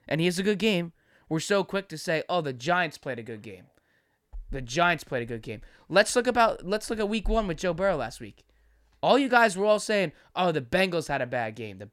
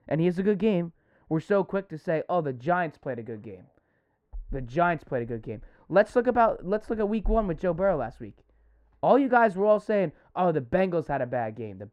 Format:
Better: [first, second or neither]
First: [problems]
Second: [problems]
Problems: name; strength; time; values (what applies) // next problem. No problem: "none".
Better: first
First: none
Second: muffled; very; fading above 2.5 kHz